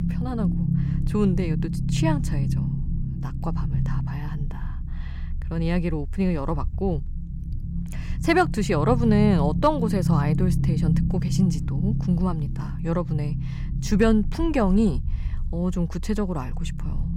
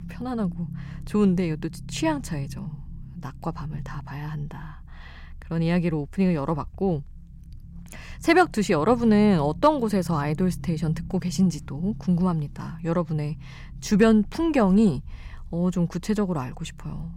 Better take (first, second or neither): second